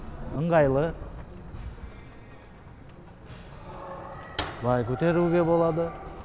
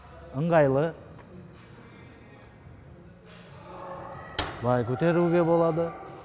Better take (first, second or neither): second